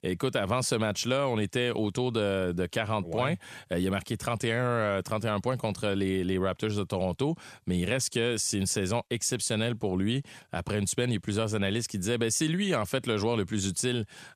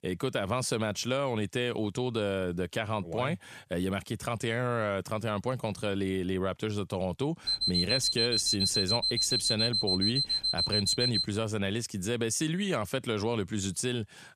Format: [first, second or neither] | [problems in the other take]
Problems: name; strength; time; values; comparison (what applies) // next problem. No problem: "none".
first | alarm; loud; from 7.5 to 11 s; peak 5 dB above the speech